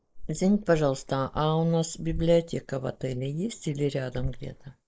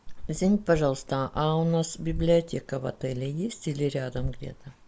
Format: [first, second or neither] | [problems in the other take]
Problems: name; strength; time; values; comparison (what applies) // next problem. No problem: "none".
second | noise reduction (neural mask model Resemble Enhance denoiser)